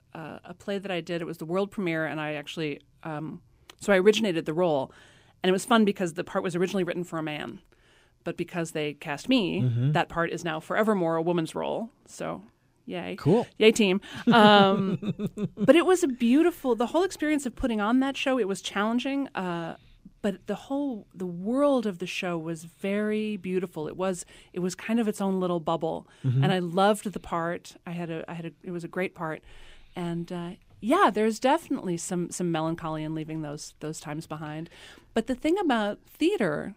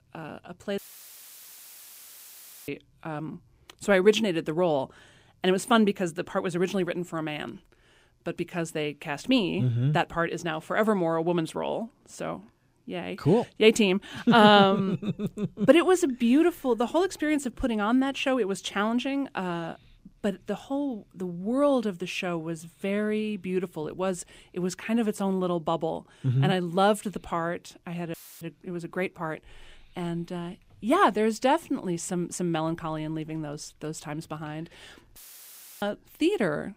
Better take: first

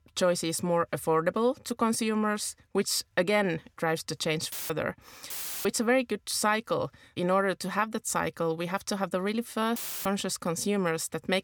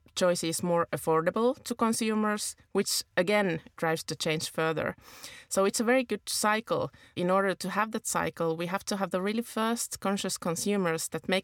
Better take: second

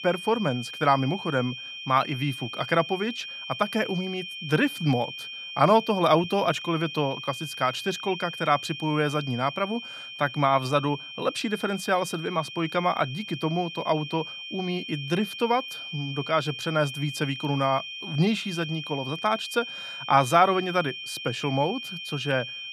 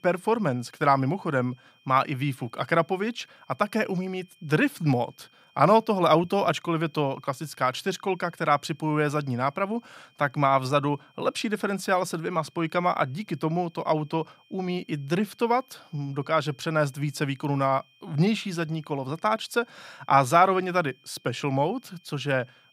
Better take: second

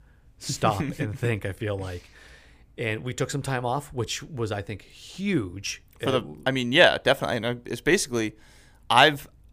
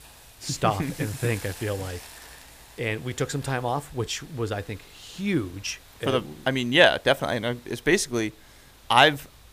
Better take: first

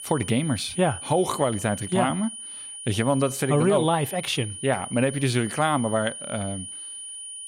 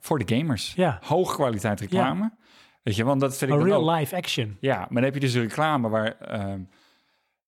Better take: second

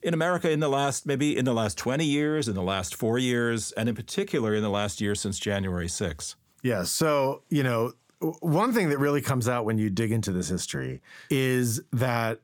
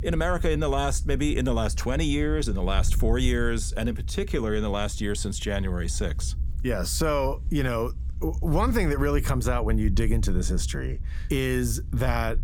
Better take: first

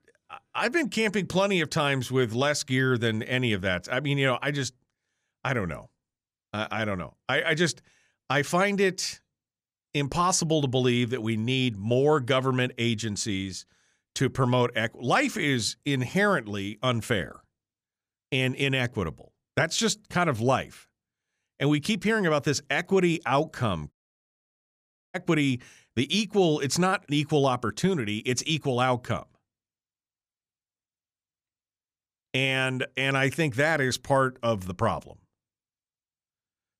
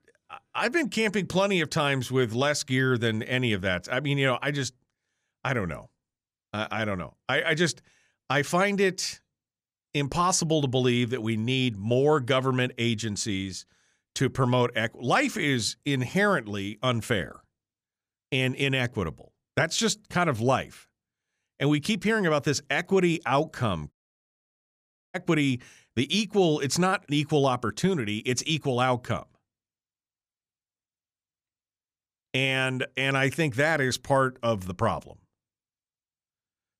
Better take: neither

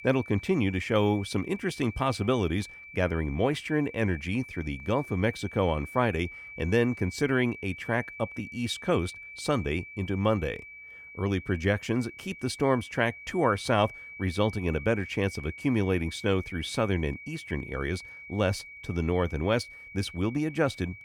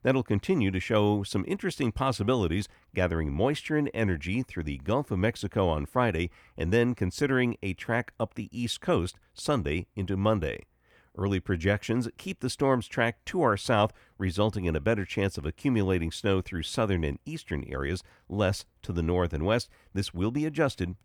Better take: second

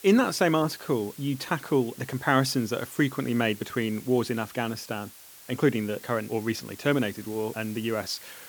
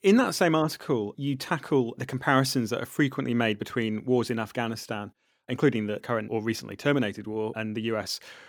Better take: second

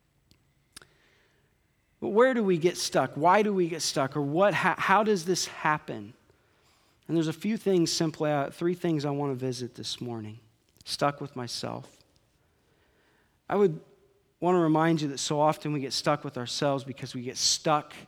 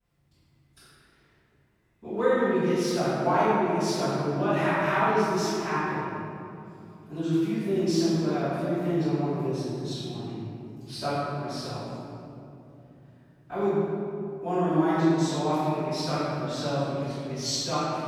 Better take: first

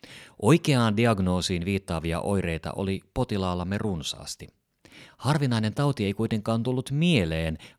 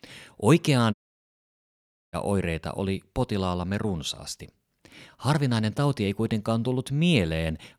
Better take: first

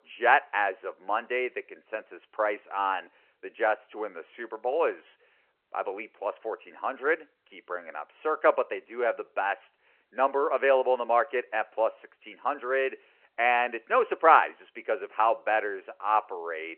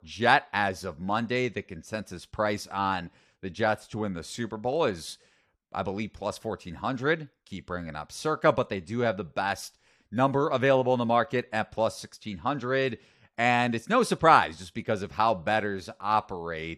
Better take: second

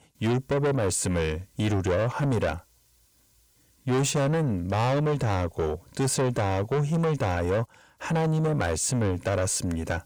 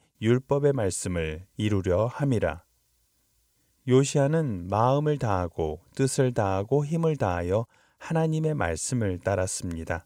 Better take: second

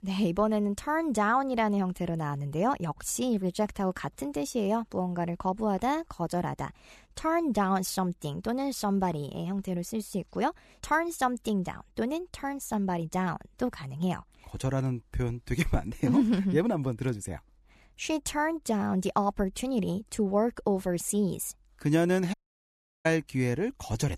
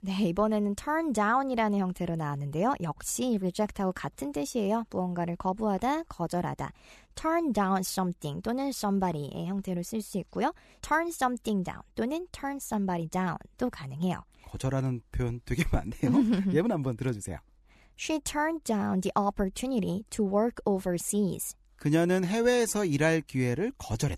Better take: second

